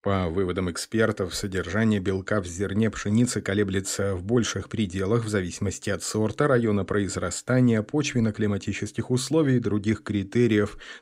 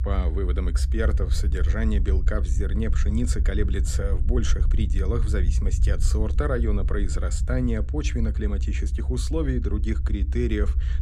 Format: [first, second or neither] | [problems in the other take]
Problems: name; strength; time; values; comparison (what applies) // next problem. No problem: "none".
first | low rumble; noticeable; throughout; 10 dB below the speech